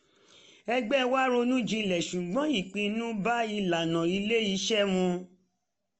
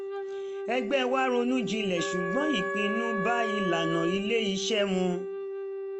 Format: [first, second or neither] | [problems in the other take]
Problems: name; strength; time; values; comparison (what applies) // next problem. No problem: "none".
first | background sound (Wind instrument, woodwind instrument + Wind instrument, woodwind instrument); 3 dB below the speech